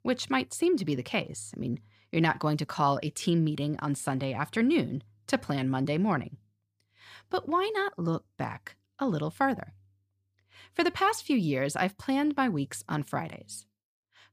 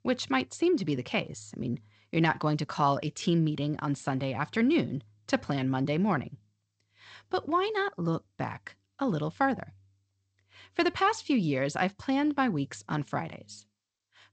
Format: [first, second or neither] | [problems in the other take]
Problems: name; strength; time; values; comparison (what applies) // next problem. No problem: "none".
first | garbled, watery; slightly; nothing above 8 kHz